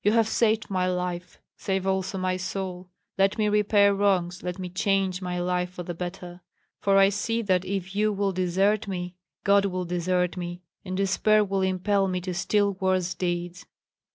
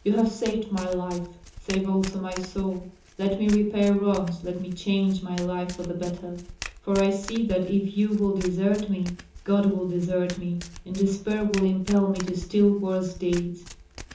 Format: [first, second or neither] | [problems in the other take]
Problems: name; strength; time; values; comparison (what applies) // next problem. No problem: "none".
first | background sound (Domestic sounds, home sounds); 17 dB below the speech // room echo; dies away in 0.6 s